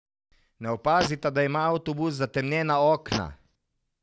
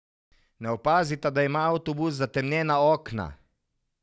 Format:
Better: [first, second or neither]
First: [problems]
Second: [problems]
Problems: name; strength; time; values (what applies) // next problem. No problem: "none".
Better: second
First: background sound (Fart); 12 dB below the speech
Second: none